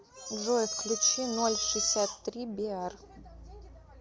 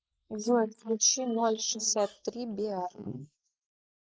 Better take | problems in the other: first | noise reduction (neural mask model Resemble Enhance denoiser)

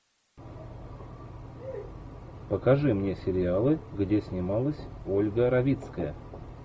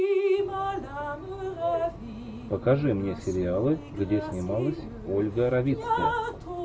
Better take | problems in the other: first | background sound (Drip); 2 dB below the speech

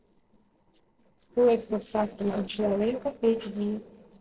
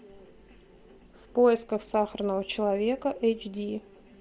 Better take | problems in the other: second | noise reduction (neural separator model SepFormer DNS4)

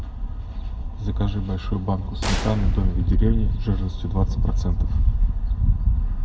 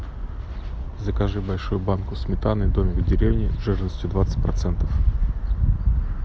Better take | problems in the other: second | background sound (Gunshot, gunfire); 16 dB below the speech // room echo; dies away in 0.8 s

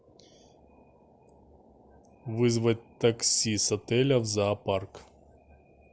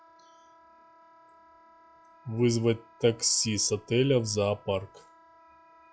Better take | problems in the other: first | noise reduction (classical method log-MMSE)

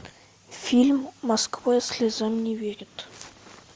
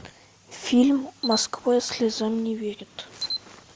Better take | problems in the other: first | background sound (Camera); 12 dB below the speech

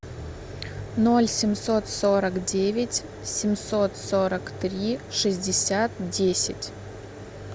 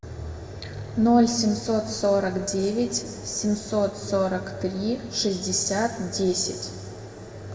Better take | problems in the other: first | room echo; dies away in 1.8 s

